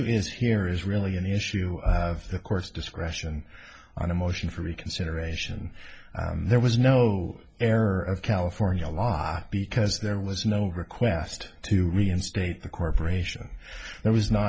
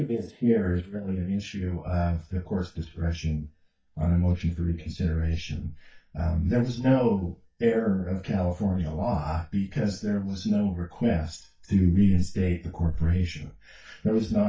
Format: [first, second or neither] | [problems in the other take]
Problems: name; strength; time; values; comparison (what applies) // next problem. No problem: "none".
first | noise reduction (neural mask model DeepFilterNet 3)